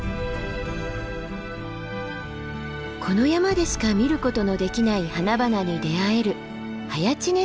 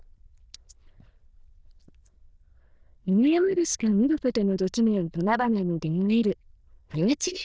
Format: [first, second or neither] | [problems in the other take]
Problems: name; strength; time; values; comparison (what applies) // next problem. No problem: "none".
first | noise reduction (neural diffusion model UNIVERSE++)